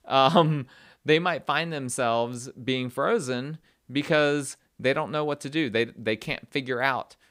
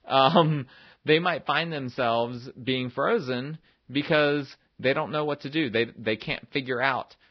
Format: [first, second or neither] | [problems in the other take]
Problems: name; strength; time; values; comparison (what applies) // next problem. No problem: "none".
first | garbled, watery; badly